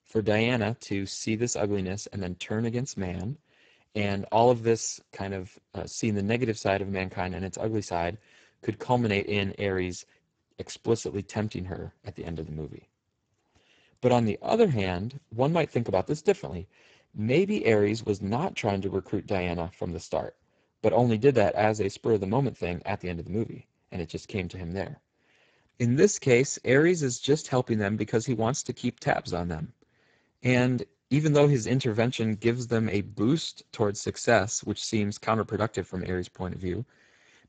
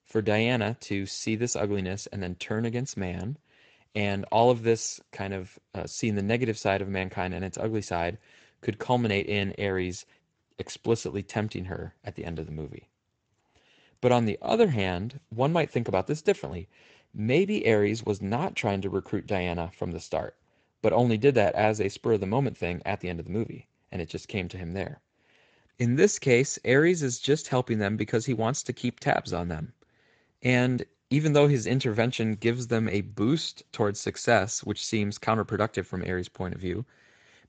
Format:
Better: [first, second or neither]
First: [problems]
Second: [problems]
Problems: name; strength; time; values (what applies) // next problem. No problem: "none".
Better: second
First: garbled, watery; badly; nothing above 7.5 kHz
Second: garbled, watery; slightly; nothing above 7.5 kHz